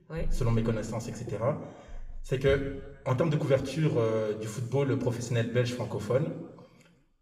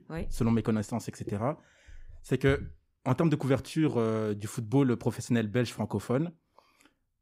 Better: second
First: room echo; slight; dies away in 0.9 s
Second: none

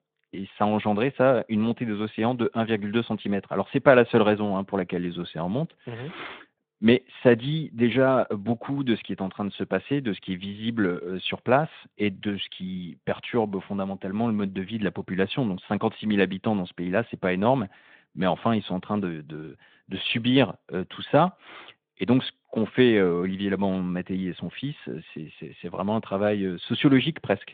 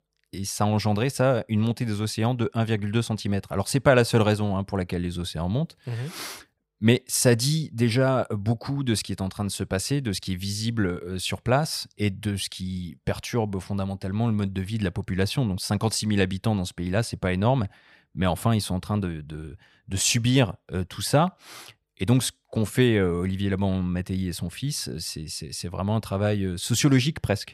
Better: second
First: phone-call audio; nothing above 3.5 kHz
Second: none

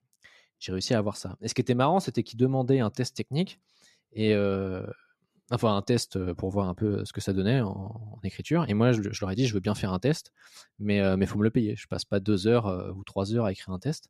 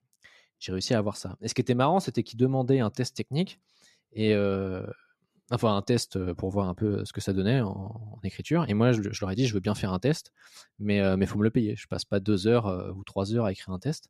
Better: neither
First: none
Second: none

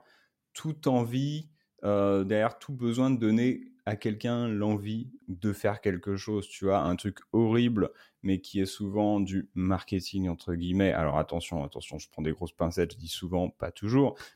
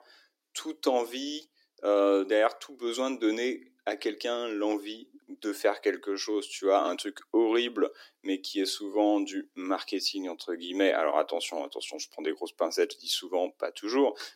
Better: first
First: none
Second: thin; somewhat; fading below 300 Hz

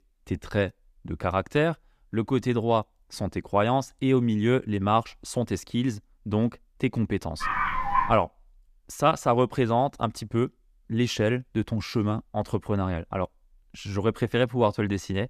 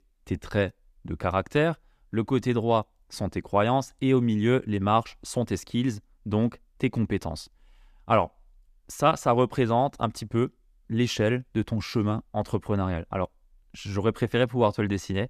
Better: second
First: dog barking; loud; at 7.5 s; peak 1 dB above the speech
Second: none

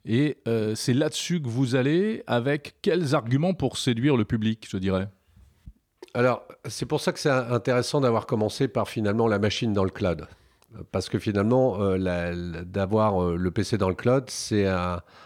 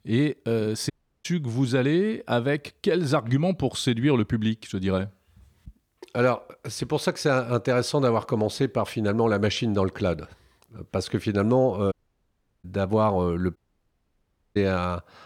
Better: first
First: none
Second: audio cutting out; at 1 s, at 12 s for 0.5 s and at 14 s for 1 s

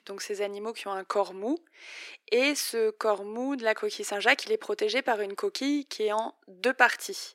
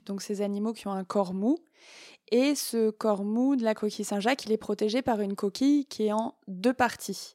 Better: second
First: thin; somewhat; fading below 350 Hz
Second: none

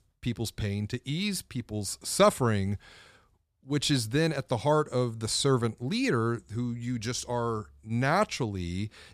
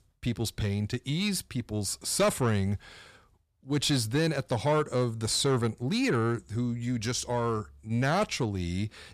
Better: first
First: none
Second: distortion; slight; 10 dB below the speech

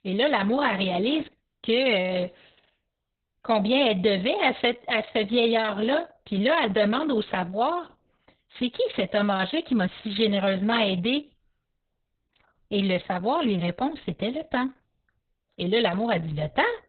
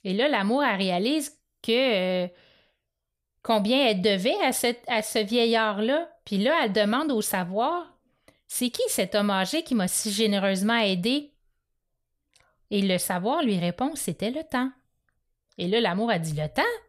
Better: second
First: garbled, watery; badly; nothing above 4 kHz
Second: none

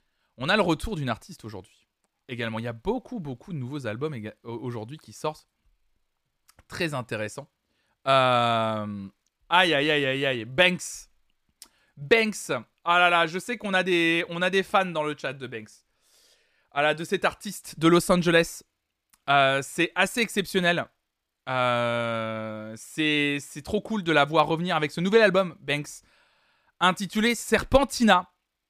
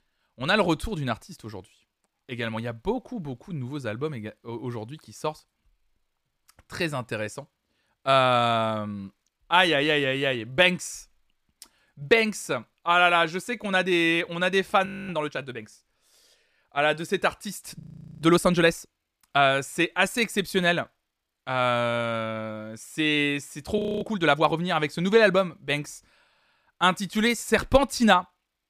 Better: first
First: none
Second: audio freezing; at 15 s, at 18 s and at 24 s

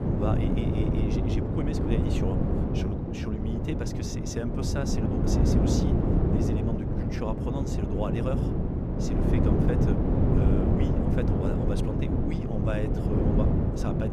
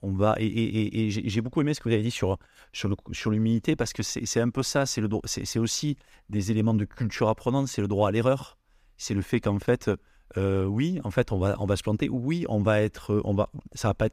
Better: second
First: wind noise on the microphone; heavy; 4 dB above the speech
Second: none

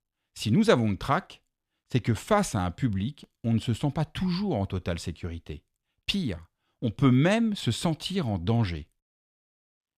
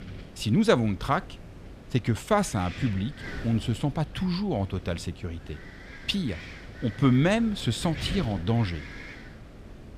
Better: first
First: none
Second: wind noise on the microphone; occasional gusts; 15 dB below the speech

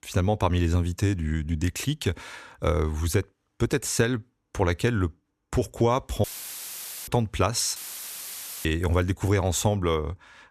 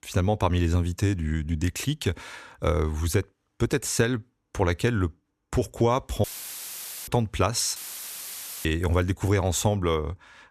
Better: neither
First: audio cutting out; filled with static; at 6 s for 1 s and at 8 s for 1 s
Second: audio cutting out; filled with static; at 6 s for 1 s and at 8 s for 1 s

